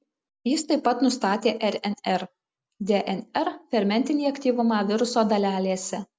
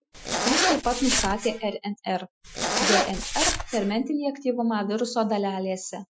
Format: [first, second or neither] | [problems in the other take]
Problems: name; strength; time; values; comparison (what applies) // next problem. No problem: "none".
first | noise reduction (classical method Wiener filter)